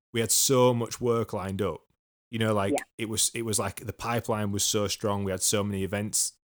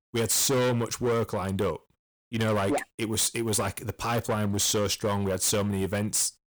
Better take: first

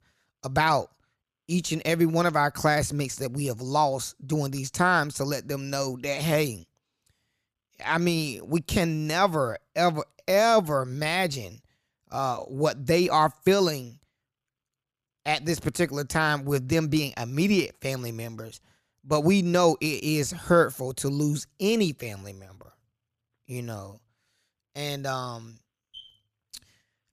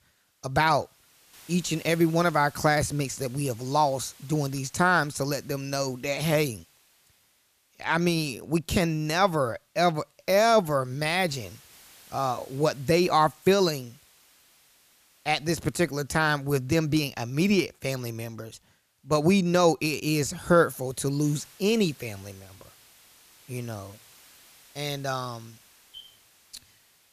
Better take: first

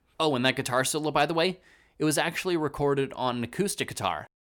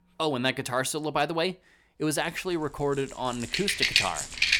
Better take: first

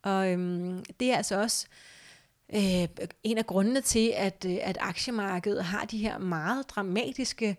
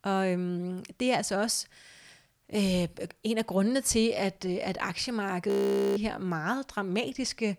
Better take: first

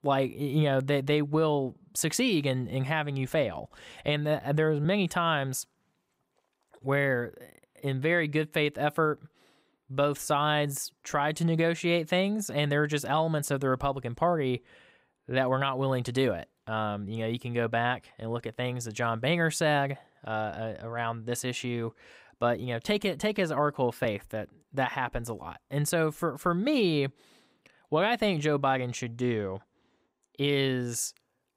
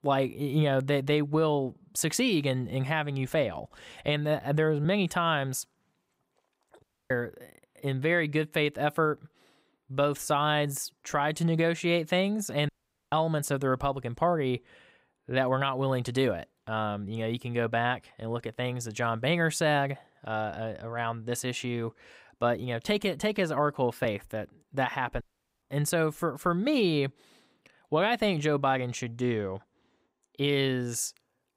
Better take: first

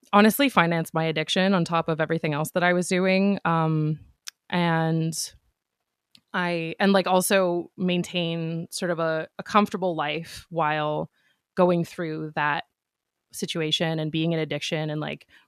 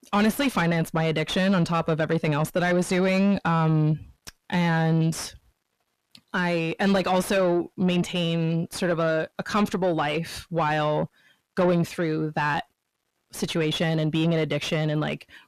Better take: first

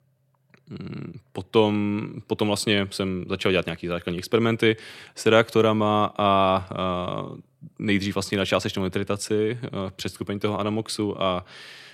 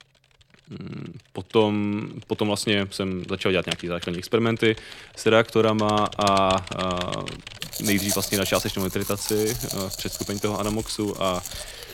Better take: first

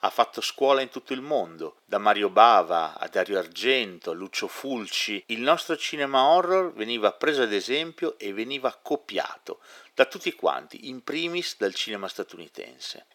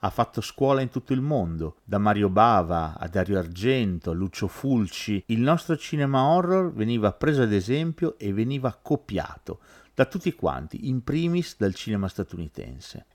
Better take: second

